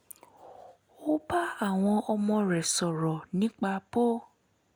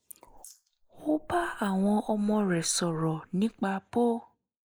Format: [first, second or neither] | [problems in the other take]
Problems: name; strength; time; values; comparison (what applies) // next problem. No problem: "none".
first | noise reduction (neural mask model Resemble Enhance denoiser)